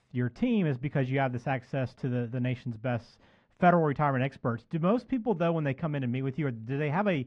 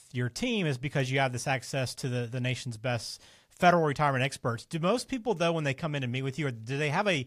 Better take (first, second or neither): second